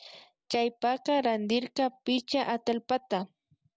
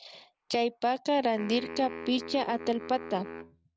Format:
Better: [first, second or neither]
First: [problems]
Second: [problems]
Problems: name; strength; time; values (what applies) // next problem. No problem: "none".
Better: first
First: none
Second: noise reduction (neural mask model RNNoise)